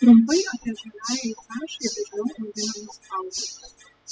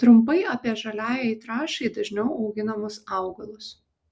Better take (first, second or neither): second